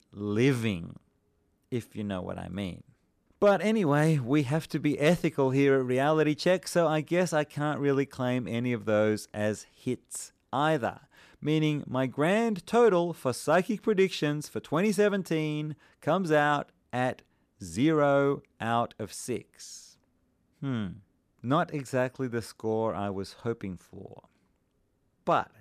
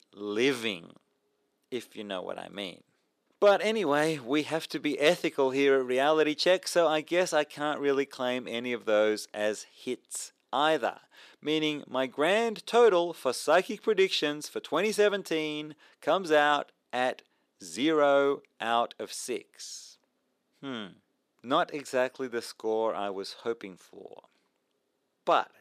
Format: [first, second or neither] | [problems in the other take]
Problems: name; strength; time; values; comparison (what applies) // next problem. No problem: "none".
first | thin; somewhat; fading below 400 Hz